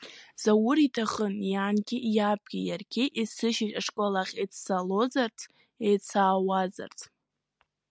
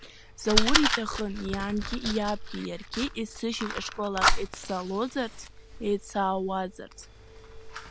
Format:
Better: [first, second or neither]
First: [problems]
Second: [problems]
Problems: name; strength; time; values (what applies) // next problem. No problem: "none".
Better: first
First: none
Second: background sound (Fire); 1 dB above the speech